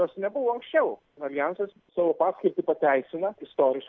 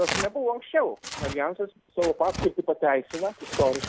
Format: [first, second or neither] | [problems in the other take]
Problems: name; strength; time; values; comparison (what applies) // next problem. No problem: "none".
first | background sound (Tearing); 9 dB below the speech